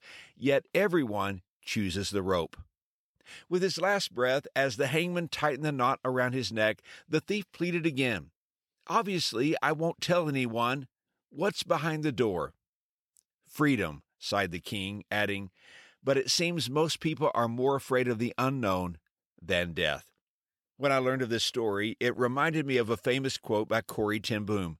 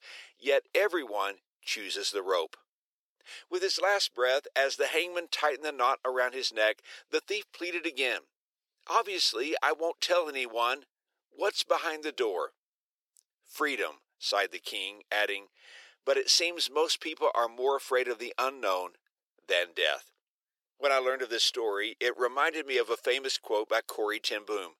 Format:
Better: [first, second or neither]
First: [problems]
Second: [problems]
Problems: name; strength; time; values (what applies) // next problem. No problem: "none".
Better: first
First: none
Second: thin; very; fading below 400 Hz